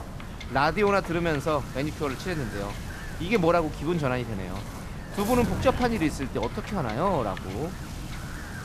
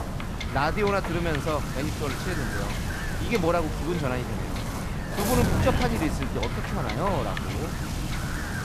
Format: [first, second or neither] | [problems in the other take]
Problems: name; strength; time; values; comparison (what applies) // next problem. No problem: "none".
first | wind noise on the microphone; heavy; 3 dB below the speech; occasional gusts in the first